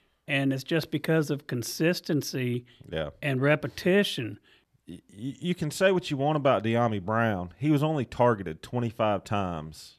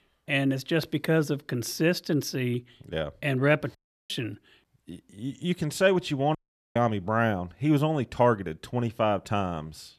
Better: first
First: none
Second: audio cutting out; at 4 s and at 6.5 s

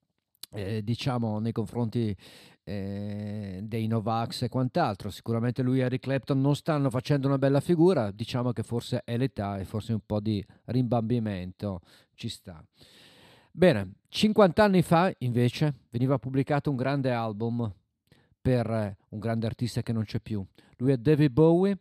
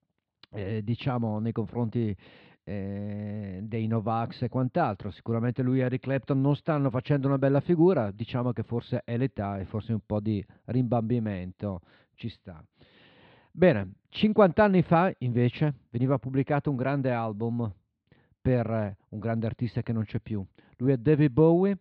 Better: first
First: none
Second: muffled; slightly; fading above 3 kHz

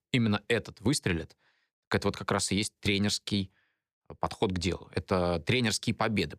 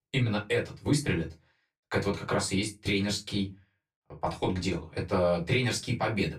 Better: first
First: none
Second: off-mic speech; far // room echo; very slight; dies away in 0.2 s

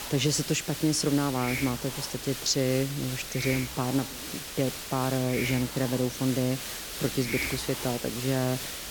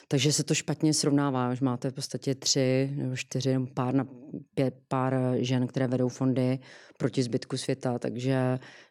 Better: second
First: hiss; loud; throughout; 5 dB below the speech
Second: none

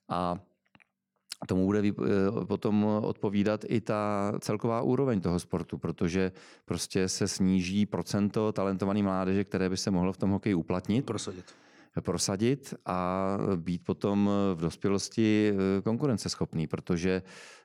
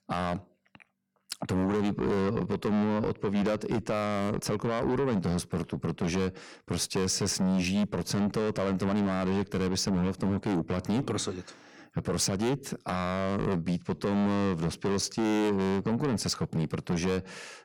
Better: first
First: none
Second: distortion; heavy; 7 dB below the speech

